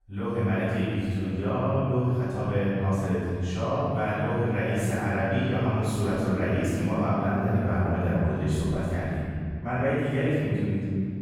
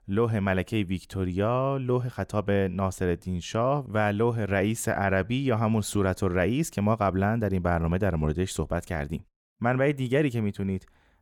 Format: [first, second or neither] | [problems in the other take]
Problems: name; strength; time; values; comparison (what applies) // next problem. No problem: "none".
second | off-mic speech; far // room echo; strong; dies away in 2.6 s